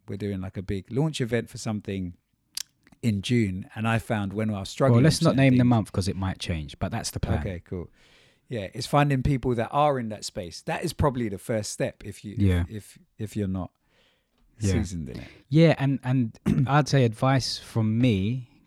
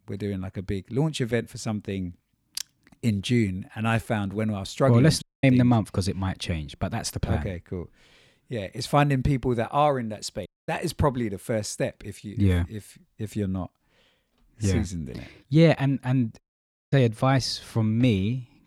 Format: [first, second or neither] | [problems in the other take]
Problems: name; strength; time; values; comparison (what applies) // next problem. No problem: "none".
first | audio cutting out; at 5 s, at 10 s and at 16 s for 0.5 s